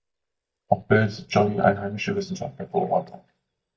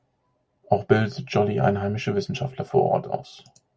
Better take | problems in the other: second | noise reduction (neural mask model DeepFilterNet 3)

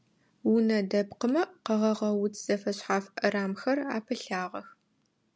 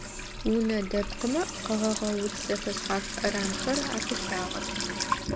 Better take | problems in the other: first | background sound (Sink (filling or washing) / Water tap, faucet); 3 dB below the speech

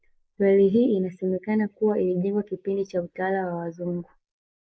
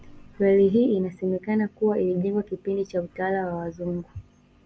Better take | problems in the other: second | noise reduction (neural mask model Resemble Enhance denoiser)

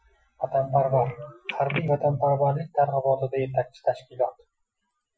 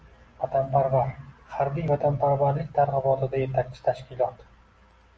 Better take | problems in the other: second | noise reduction (classical method Wiener filter)

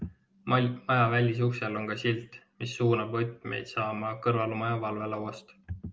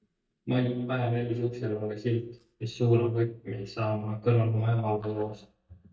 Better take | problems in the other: first | noise reduction (neural mask model DeepFilterNet 3)

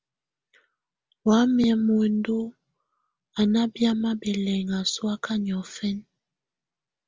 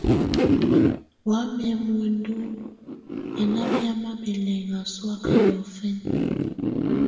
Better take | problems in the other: first | background sound (Zipper (clothing)); 3 dB above the speech // room echo; dies away in 1.6 s

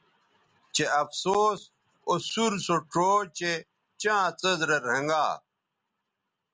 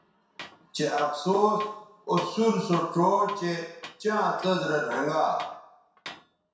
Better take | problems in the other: first | background sound (Tools); 20 dB below the speech // room echo; dies away in 0.7 s

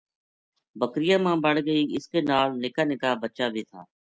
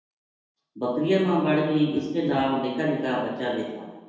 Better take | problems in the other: first | room echo; dies away in 1.2 s

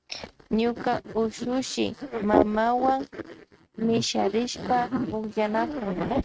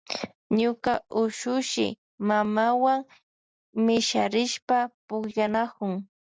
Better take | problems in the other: second | noise reduction (neural mask model RNNoise)

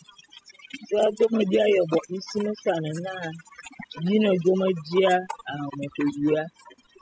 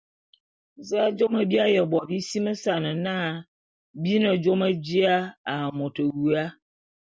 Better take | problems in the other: second | noise reduction (classical method spectral subtraction)

